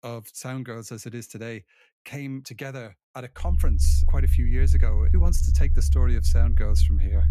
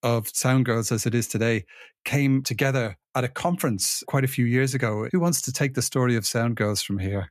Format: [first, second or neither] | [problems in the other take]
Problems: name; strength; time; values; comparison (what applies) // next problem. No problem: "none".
second | low rumble; loud; from 3.5 s on; 4 dB below the speech